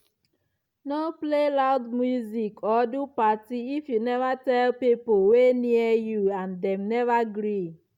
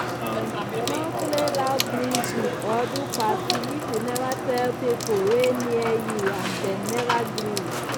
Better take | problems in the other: first | background sound (Sink (filling or washing) / Water tap, faucet / Water); 1 dB below the speech

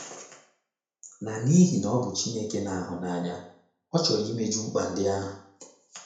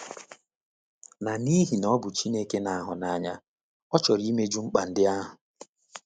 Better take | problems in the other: second | room echo; dies away in 0.5 s

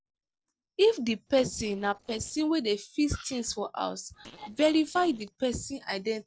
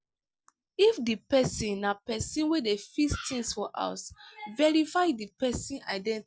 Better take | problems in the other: second | noise reduction (neural separator model SepFormer DNS4)

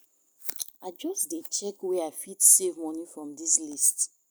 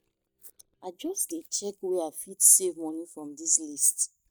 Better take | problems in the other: first | noise reduction (neural mask model DeepFilterNet 3)

